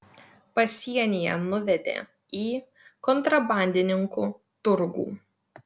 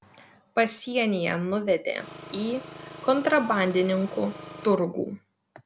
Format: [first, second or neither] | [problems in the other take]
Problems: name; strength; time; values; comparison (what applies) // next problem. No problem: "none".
first | background sound (Engine); 15 dB below the speech